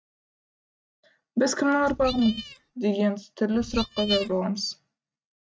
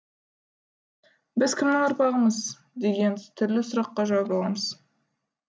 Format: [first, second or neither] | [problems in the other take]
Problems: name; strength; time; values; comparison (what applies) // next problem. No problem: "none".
second | noise reduction (neural mask model RNNoise)